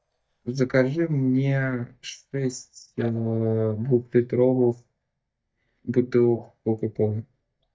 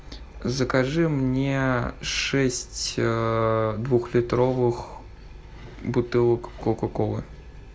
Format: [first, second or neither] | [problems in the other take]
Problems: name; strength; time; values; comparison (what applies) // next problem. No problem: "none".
second | noise reduction (neural mask model DeepFilterNet 3)